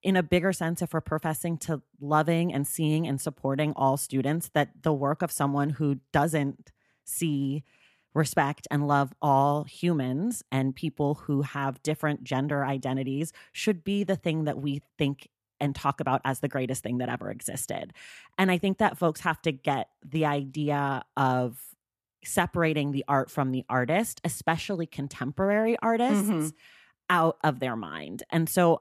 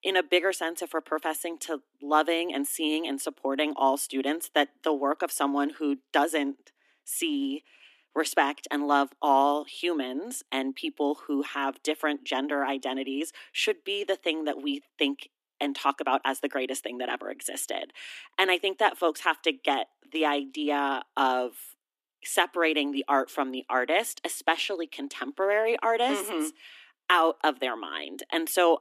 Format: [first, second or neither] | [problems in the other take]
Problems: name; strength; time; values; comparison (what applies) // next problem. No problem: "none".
first | thin; very slightly; fading below 250 Hz